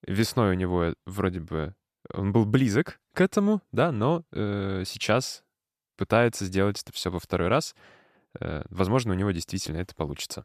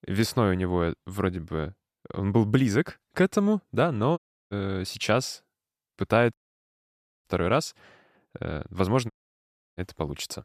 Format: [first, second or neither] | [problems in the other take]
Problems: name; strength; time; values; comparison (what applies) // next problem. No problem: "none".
first | audio cutting out; at 4 s, at 6.5 s for 1 s and at 9 s for 0.5 s